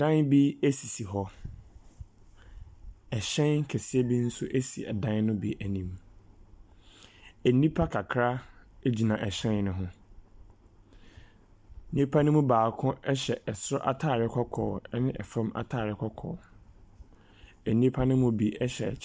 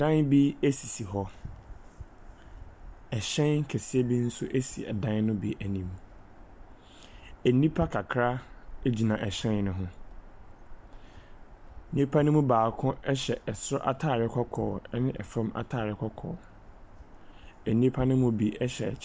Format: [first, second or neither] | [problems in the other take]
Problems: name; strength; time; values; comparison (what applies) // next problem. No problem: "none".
first | background sound (Bird vocalization, bird call, bird song); 19 dB below the speech